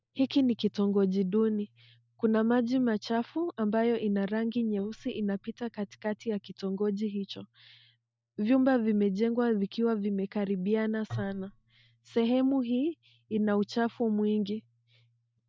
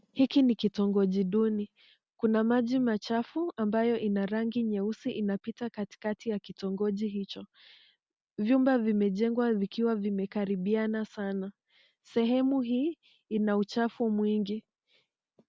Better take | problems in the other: second | noise reduction (neural mask model DeepFilterNet 3)

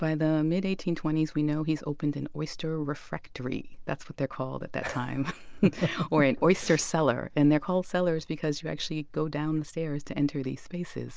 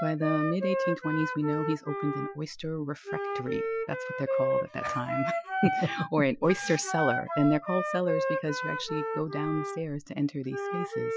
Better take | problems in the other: first | noise reduction (classical method Wiener filter)

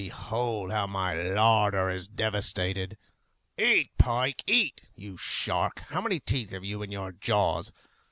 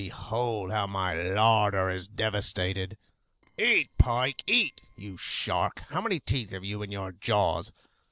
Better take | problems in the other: first | noise reduction (neural separator model SepFormer DNS4)

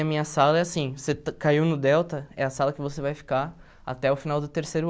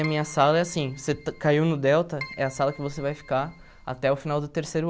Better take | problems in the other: first | background sound (Keyboard (musical)); 19 dB below the speech

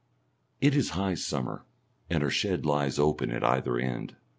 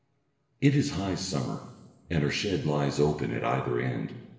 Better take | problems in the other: first | room echo; dies away in 1.3 s

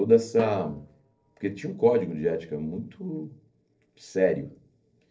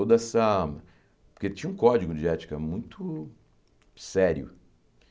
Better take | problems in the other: second | noise reduction (neural separator model SepFormer DNS4)

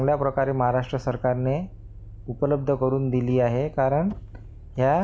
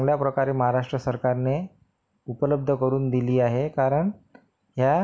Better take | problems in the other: second | background sound (Motor vehicle (road)); 17 dB below the speech

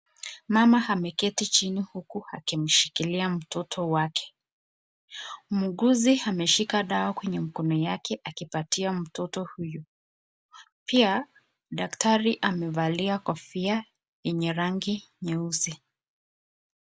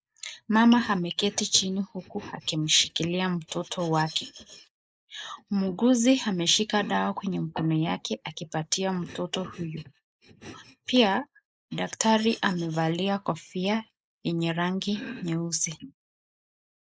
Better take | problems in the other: first | noise reduction (neural mask model Resemble Enhance denoiser)

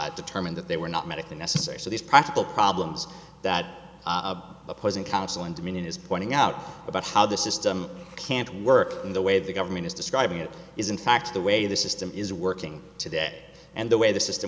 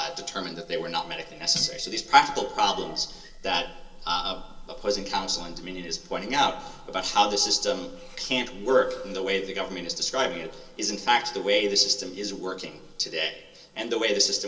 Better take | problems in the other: first | noise reduction (neural separator model SepFormer DNS4)

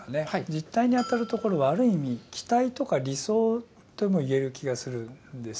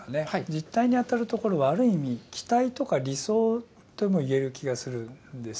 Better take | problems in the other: second | background sound (Bell); 20 dB below the speech

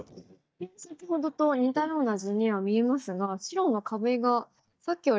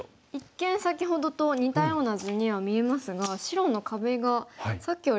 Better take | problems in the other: second | noise reduction (neural mask model DeepFilterNet 3)

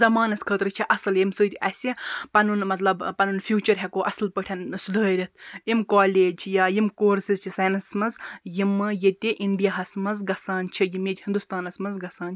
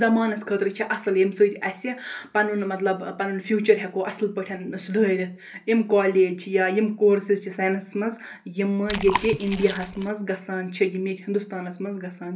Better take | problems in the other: first | background sound (Chewing, mastication); 7 dB below the speech // room echo; dies away in 0.3 s

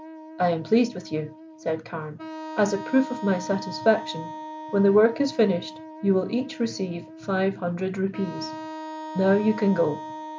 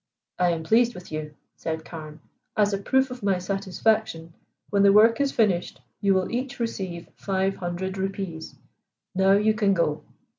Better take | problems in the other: second | background sound (Wind instrument, woodwind instrument); 13 dB below the speech

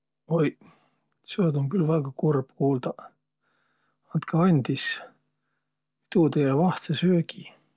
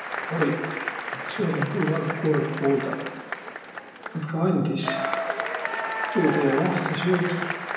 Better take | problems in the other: first | background sound (Applause / Crowd / Cheering); 4 dB below the speech // room echo; dies away in 0.9 s

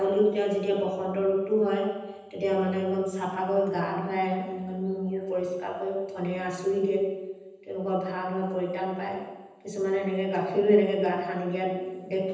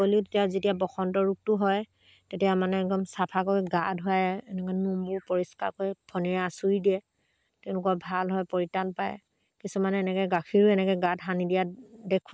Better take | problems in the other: second | room echo; dies away in 1.1 s

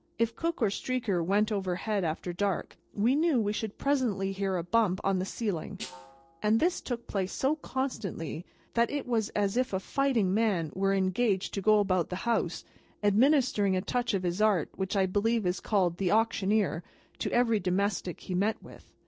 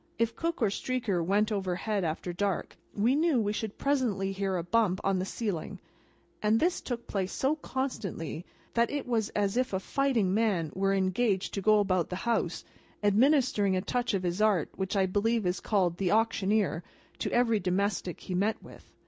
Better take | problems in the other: second | noise reduction (neural separator model SepFormer DNS4)

